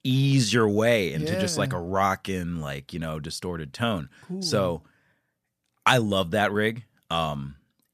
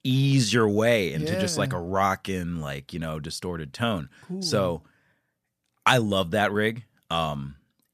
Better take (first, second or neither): neither